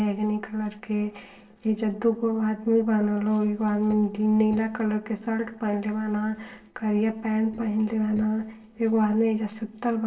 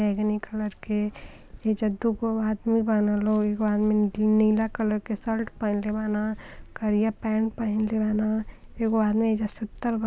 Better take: second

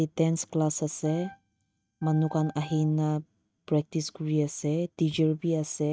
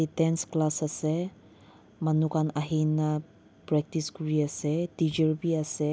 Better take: second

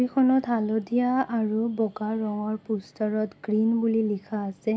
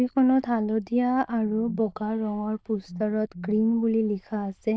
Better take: first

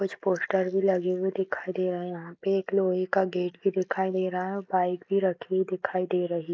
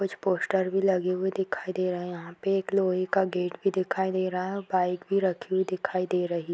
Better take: second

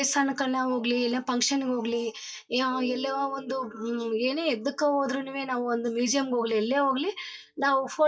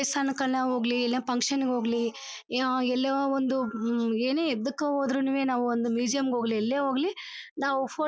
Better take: second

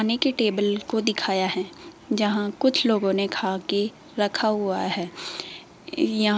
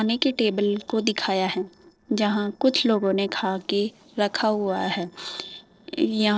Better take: first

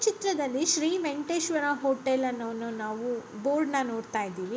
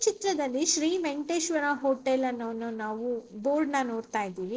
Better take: first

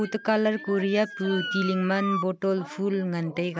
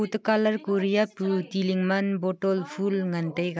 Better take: second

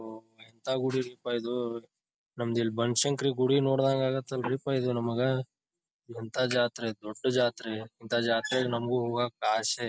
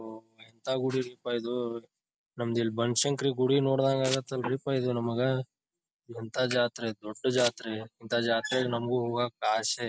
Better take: first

